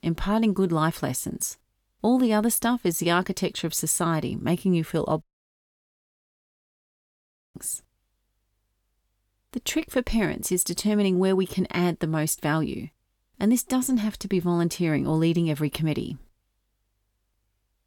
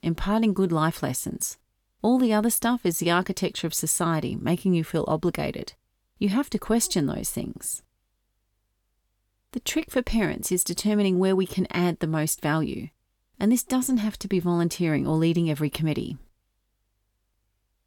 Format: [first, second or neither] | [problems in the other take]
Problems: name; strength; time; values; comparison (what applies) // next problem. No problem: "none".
second | audio cutting out; at 5 s for 2.5 s